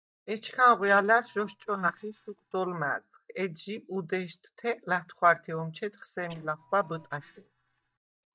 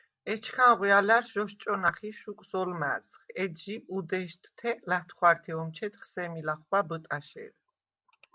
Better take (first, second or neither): second